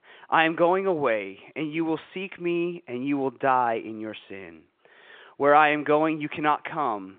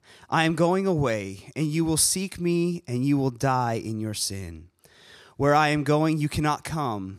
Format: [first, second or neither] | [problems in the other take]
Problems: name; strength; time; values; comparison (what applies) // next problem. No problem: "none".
second | phone-call audio